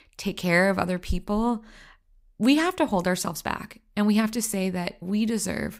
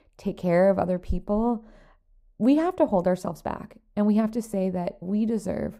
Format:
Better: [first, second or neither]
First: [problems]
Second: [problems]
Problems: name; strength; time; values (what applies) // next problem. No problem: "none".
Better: first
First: none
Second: muffled; very; fading above 1.5 kHz